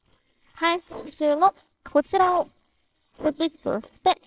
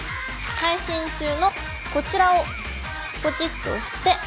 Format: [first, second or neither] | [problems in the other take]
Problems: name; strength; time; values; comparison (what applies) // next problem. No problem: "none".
second | noise reduction (neural separator model SepFormer WHAMR!)